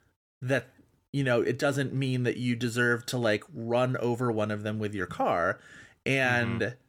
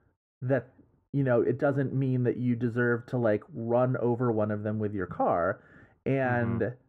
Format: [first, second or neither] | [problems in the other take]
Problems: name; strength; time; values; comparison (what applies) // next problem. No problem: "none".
first | muffled; very; fading above 2 kHz